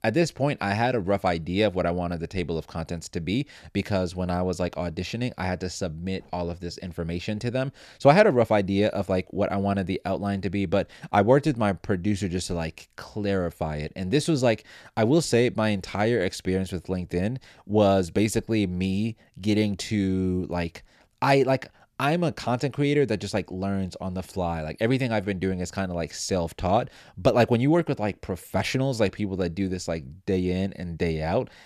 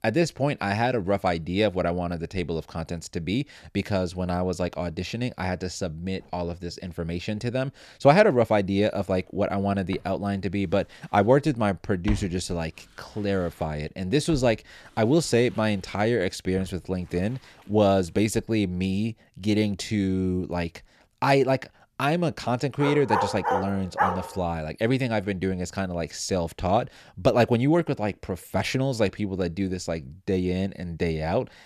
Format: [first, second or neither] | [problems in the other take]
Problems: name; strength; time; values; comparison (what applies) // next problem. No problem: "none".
first | footsteps; noticeable; from 10 to 17 s; peak 8 dB below the speech // dog barking; loud; from 23 to 24 s; peak 1 dB above the speech